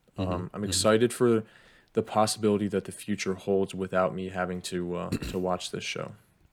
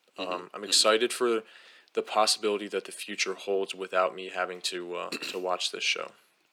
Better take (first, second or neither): first